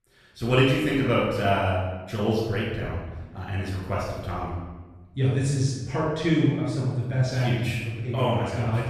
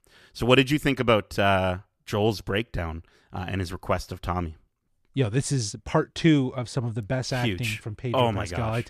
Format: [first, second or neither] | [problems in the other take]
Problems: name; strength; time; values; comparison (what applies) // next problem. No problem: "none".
second | off-mic speech; far // room echo; strong; dies away in 1.1 s